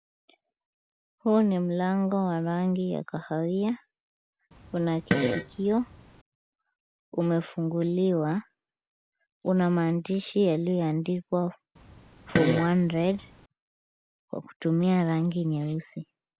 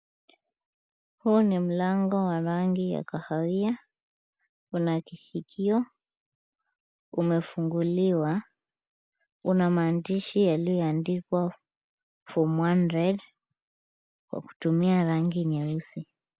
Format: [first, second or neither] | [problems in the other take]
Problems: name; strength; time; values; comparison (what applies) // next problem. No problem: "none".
second | background sound (Fart); 3 dB below the speech